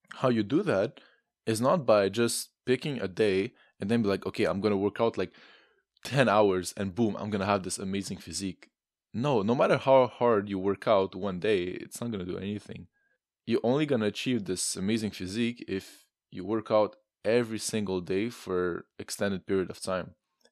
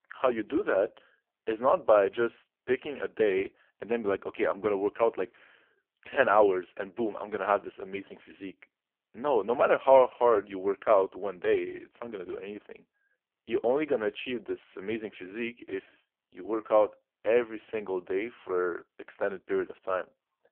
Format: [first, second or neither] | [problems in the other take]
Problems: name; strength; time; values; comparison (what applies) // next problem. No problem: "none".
first | phone-call audio; poor line